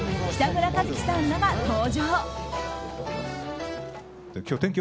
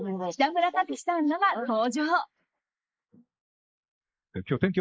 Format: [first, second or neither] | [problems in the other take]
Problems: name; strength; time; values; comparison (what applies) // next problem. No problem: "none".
first | noise reduction (neural mask model Resemble Enhance denoiser)